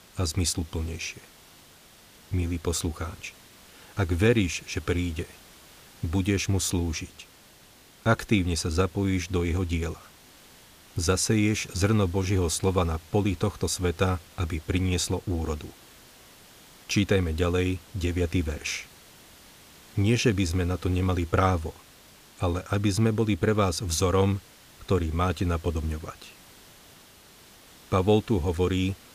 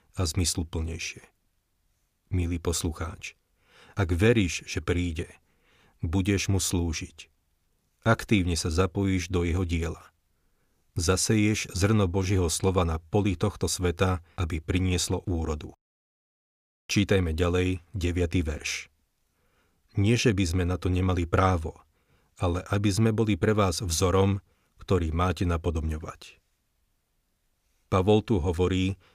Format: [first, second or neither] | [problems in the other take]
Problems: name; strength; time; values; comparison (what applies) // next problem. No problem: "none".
second | hiss; faint; throughout; 25 dB below the speech